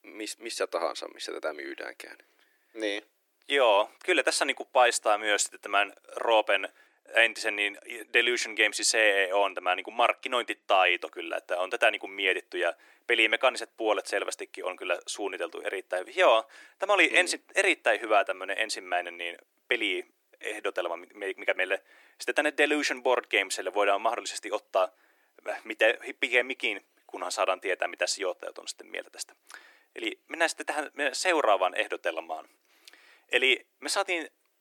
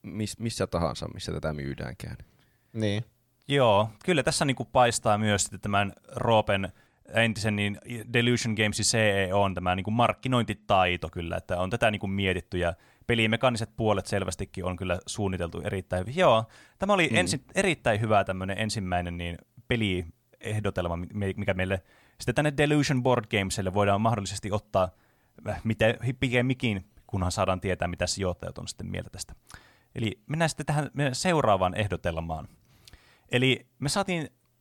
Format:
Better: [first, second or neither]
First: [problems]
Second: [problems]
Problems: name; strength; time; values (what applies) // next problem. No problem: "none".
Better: second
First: thin; very; fading below 300 Hz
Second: none